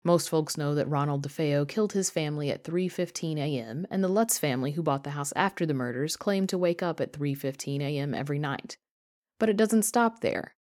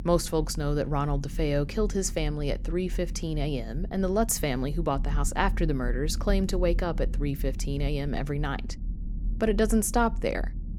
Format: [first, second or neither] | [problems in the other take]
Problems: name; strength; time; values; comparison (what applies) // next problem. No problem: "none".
first | low rumble; faint; throughout; 20 dB below the speech